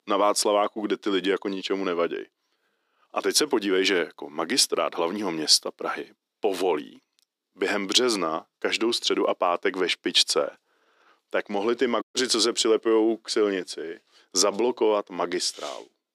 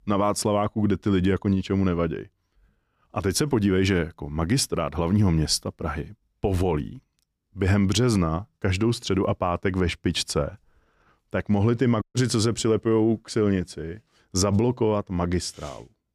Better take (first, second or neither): second